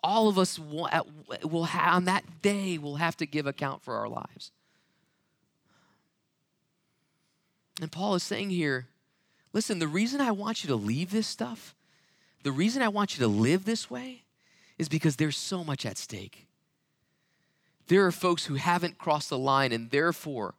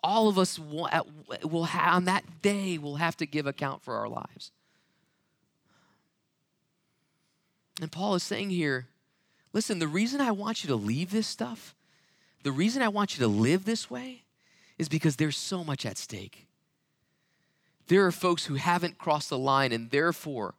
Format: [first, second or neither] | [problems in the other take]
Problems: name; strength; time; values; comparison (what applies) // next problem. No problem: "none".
neither | none